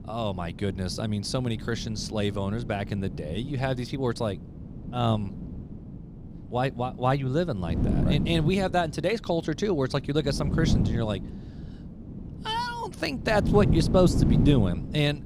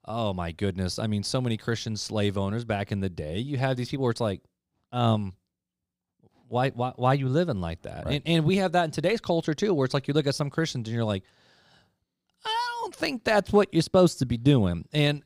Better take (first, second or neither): second